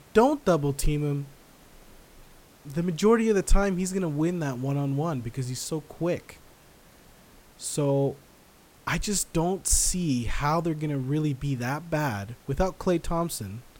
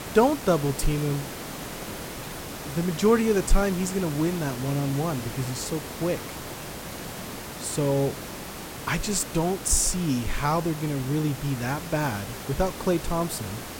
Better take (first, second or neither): first